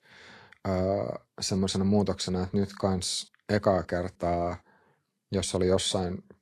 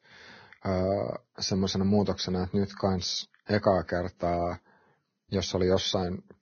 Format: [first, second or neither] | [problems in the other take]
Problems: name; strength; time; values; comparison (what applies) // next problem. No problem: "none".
first | garbled, watery; badly; nothing above 6 kHz; slightly in the first